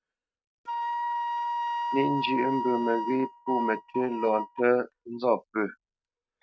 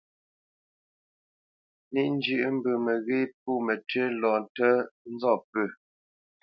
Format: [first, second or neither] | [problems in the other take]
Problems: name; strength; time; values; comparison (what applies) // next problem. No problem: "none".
second | noise reduction (neural mask model RNNoise)